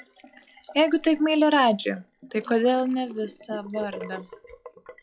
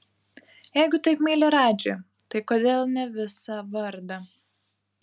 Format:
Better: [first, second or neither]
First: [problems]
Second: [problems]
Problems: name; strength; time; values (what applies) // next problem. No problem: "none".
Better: second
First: noise reduction (classical method log-MMSE)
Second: none